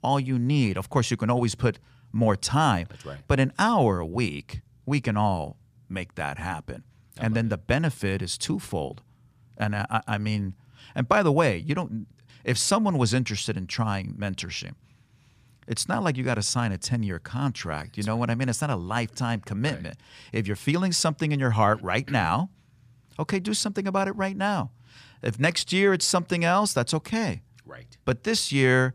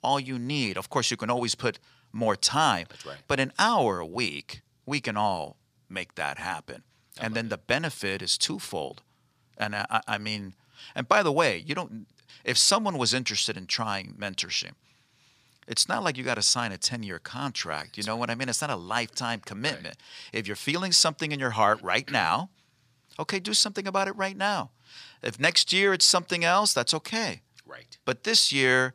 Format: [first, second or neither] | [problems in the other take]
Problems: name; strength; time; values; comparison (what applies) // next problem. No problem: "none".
first | thin; somewhat; fading below 1 kHz